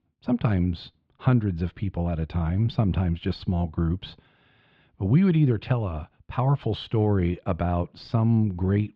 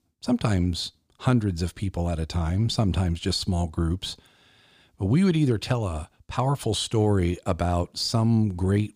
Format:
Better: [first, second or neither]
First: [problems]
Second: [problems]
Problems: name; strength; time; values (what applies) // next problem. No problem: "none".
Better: second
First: muffled; very; fading above 3 kHz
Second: none